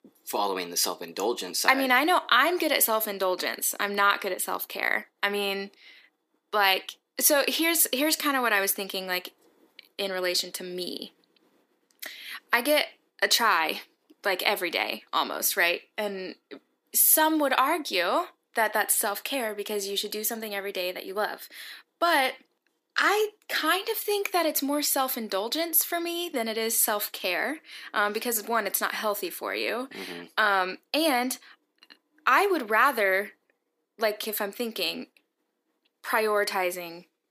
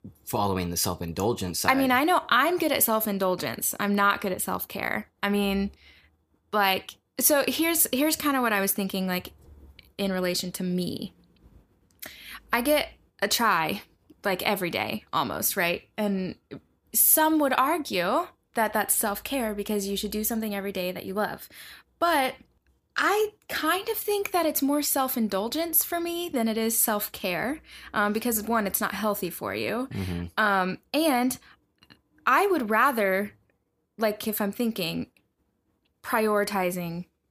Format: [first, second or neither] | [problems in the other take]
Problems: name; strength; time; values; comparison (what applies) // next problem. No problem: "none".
second | thin; somewhat; fading below 300 Hz